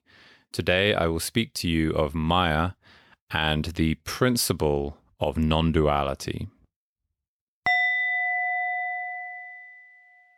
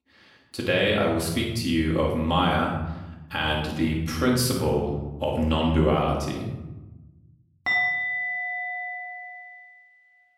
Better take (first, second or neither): first